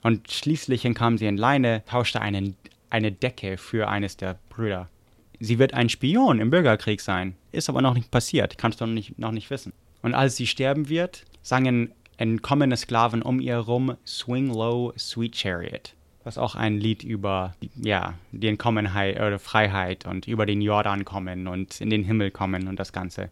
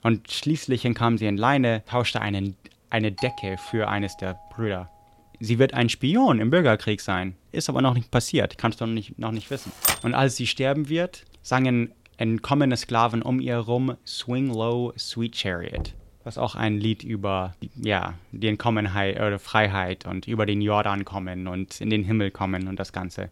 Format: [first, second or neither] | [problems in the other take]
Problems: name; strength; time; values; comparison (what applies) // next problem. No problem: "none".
first | doorbell; faint; from 3 to 5 s; peak 10 dB below the speech // keyboard typing; loud; at 10 s; peak 2 dB above the speech // door banging; faint; at 16 s; peak 10 dB below the speech